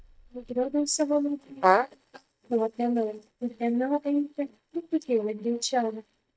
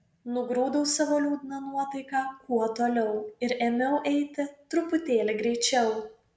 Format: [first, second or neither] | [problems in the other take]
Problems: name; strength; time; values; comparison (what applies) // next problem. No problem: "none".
second | noise reduction (neural mask model DeepFilterNet 3)